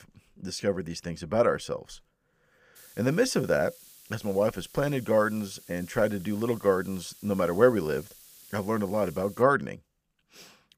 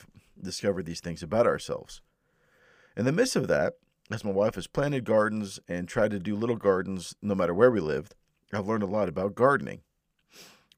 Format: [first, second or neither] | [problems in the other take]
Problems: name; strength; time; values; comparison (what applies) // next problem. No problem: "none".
second | hiss; faint; from 3 to 9.5 s; 20 dB below the speech